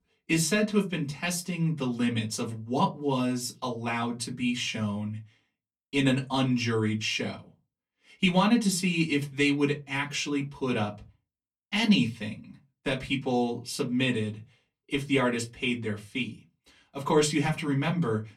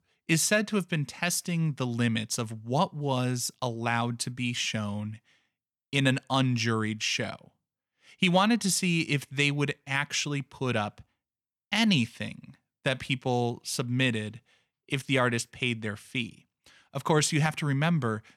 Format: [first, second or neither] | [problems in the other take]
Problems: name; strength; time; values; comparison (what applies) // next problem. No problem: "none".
second | off-mic speech; far // room echo; very slight; dies away in 0.2 s